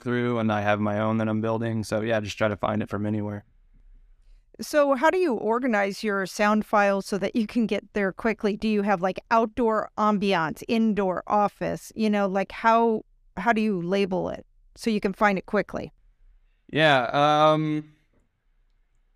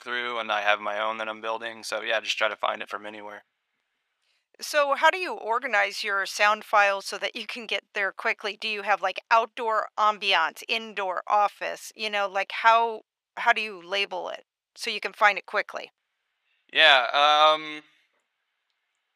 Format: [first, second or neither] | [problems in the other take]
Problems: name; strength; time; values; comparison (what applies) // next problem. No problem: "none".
first | thin; very; fading below 800 Hz